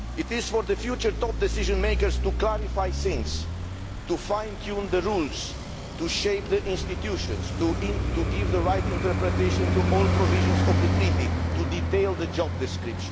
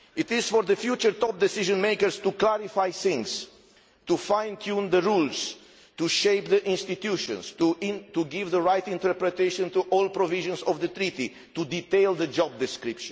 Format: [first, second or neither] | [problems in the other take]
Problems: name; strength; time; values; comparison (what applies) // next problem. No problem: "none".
second | background sound (Traffic noise, roadway noise); 2 dB above the speech